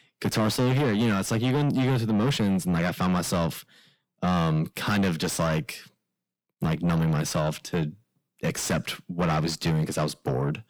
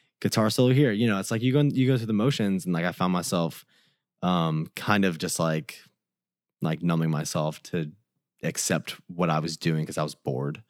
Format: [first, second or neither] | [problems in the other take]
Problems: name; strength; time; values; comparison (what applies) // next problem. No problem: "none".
second | distortion; heavy; 7 dB below the speech